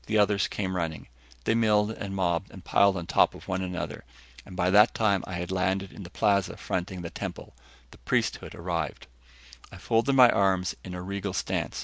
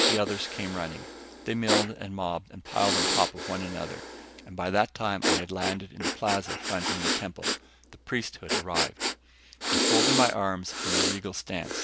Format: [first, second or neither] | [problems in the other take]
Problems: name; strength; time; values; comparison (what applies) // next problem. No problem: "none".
first | background sound (Breathing); 1 dB above the speech